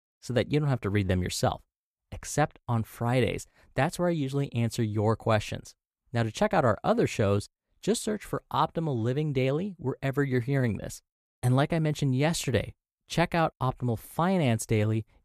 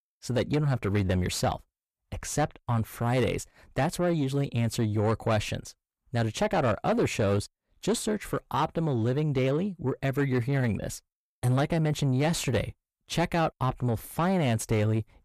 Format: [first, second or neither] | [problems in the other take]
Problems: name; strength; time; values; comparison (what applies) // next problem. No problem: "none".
first | distortion; slight; 10 dB below the speech